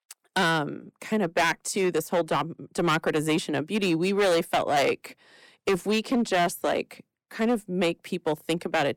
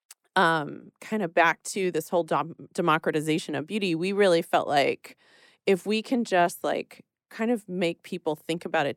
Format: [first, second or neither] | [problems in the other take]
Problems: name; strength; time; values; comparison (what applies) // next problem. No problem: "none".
second | distortion; heavy; 10% of the sound clipped